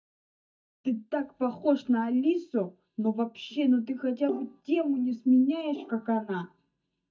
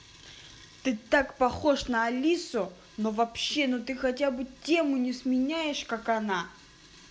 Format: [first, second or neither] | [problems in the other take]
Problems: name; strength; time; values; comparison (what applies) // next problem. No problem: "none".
second | noise reduction (neural mask model DeepFilterNet 3)